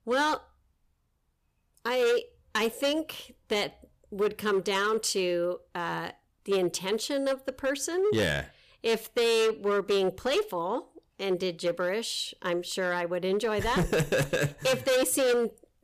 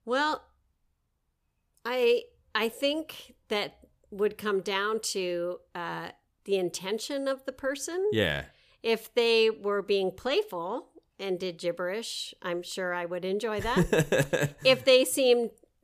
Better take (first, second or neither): second